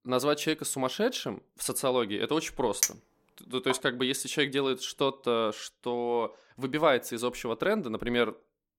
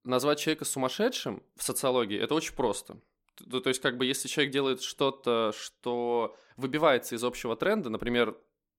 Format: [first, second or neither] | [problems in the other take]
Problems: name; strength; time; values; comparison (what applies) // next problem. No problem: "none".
second | clattering dishes; loud; at 3 s; peak 1 dB above the speech